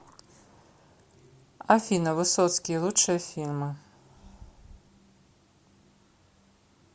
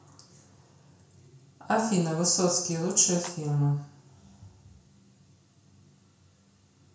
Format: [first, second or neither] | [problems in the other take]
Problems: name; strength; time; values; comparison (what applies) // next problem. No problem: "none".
first | background sound (Clapping); 17 dB below the speech // room echo; dies away in 0.5 s